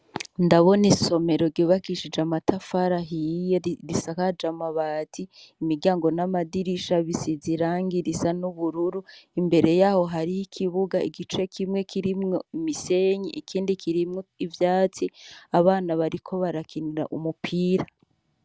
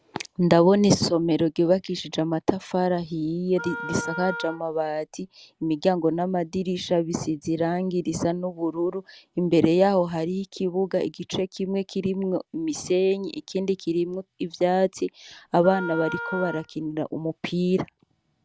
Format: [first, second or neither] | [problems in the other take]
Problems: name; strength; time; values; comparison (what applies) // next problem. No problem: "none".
first | background sound (Wind instrument, woodwind instrument); 11 dB below the speech